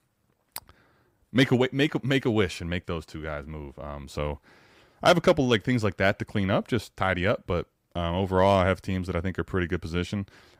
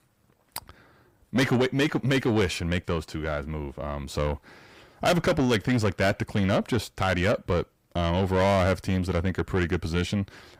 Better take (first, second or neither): first